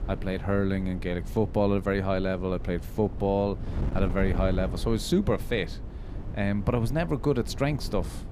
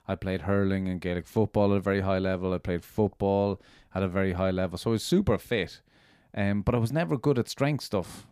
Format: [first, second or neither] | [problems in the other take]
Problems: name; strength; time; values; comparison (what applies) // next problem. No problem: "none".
second | wind noise on the microphone; occasional gusts; 15 dB below the speech